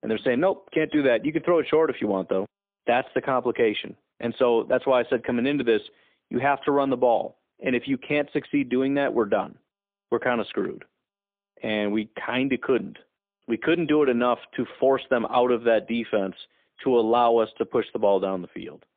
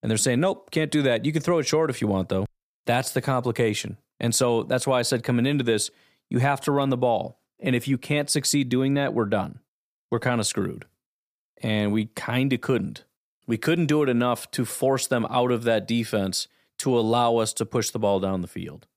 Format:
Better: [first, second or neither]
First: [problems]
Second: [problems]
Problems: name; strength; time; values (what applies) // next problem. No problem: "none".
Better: second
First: phone-call audio; poor line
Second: none